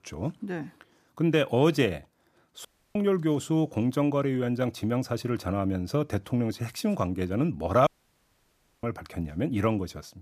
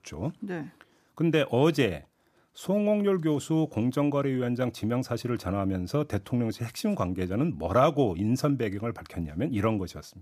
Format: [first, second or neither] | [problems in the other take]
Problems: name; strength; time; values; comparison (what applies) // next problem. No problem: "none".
second | audio cutting out; at 2.5 s and at 8 s for 1 s